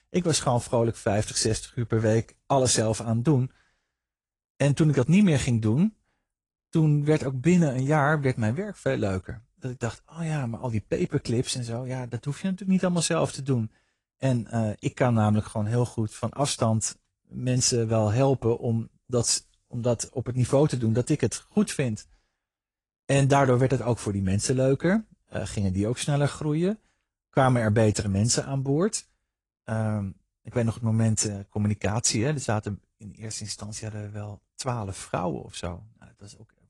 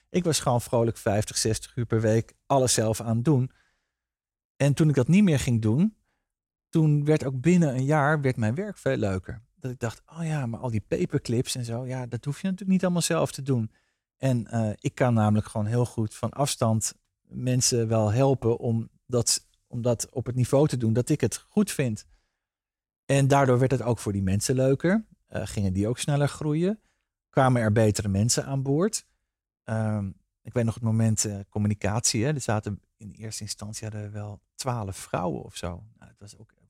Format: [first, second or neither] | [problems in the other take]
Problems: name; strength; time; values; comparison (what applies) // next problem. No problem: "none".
second | garbled, watery; slightly; nothing above 10 kHz